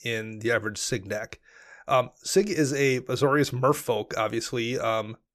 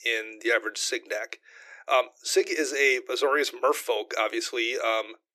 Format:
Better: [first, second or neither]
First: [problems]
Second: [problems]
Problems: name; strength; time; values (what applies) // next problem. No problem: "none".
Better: first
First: none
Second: thin; very; fading below 350 Hz